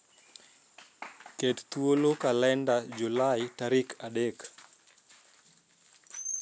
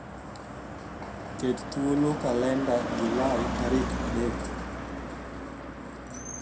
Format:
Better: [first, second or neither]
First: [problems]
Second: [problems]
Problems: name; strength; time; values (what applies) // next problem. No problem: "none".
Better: first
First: none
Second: background sound (Car passing by); 3 dB below the speech // room echo; dies away in 0.2 s